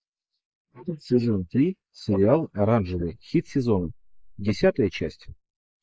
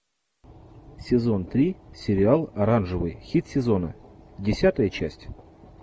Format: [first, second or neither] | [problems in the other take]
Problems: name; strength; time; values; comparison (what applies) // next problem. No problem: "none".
second | noise reduction (neural mask model Resemble Enhance denoiser)